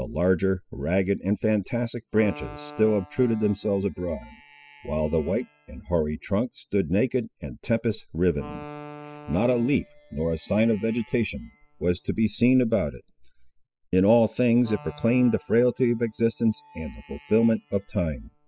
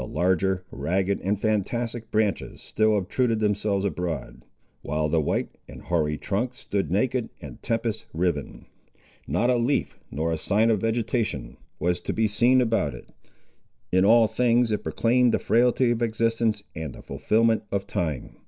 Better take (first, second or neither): second